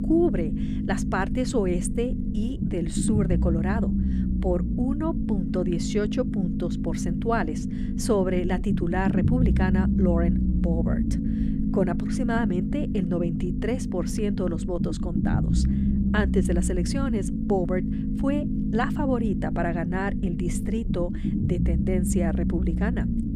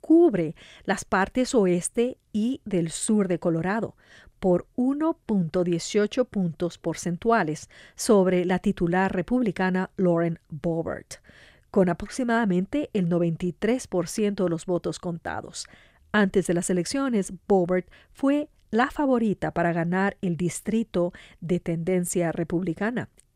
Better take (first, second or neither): second